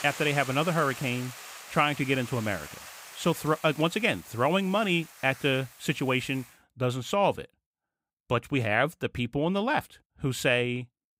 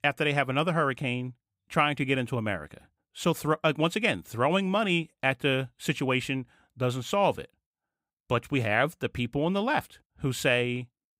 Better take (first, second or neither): second